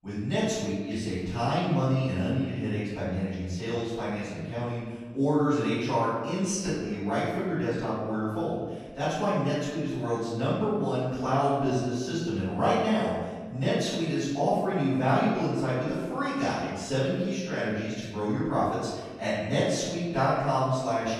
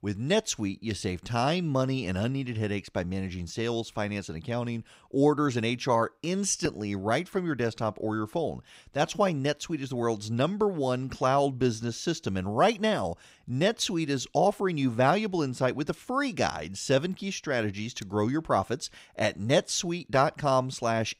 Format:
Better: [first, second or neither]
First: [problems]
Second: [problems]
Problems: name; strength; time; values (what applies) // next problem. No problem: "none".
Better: second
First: off-mic speech; far // room echo; strong; dies away in 1.3 s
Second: none